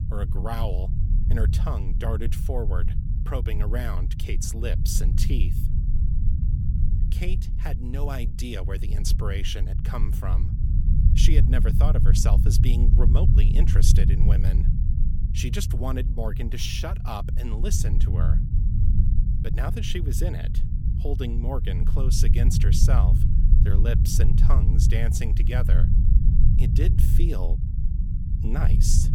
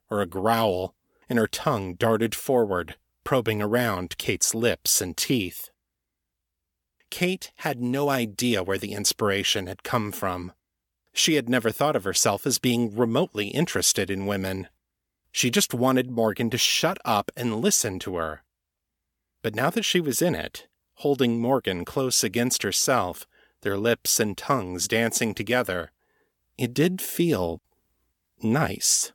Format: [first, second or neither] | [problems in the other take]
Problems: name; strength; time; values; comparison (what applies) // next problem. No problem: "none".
second | low rumble; loud; throughout; 4 dB below the speech